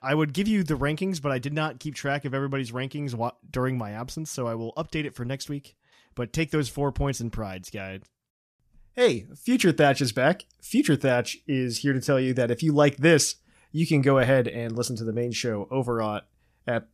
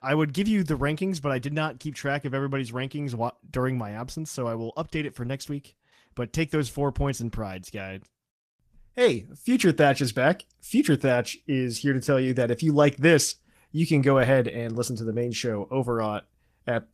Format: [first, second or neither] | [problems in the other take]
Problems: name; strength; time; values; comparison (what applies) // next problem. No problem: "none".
first | garbled, watery; slightly; nothing above 14.5 kHz